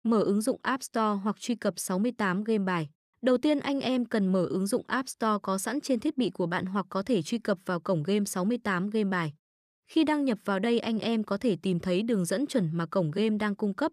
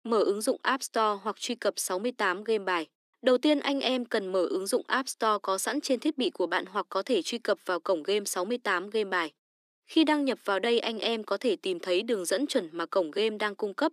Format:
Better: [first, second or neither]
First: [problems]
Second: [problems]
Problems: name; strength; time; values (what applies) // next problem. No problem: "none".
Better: first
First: none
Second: thin; somewhat; fading below 300 Hz